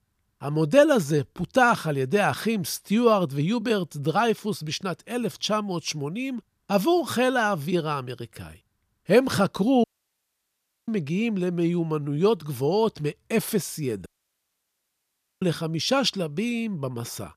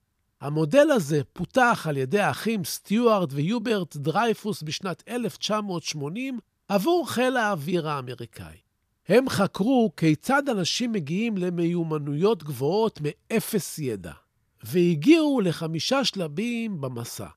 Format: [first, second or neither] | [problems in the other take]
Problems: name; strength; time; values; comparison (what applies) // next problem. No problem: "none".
second | audio cutting out; at 10 s for 1 s and at 14 s for 1.5 s